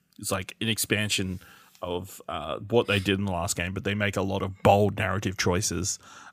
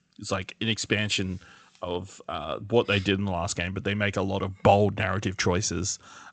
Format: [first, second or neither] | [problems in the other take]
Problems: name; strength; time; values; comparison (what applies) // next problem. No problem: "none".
first | garbled, watery; slightly; nothing above 8 kHz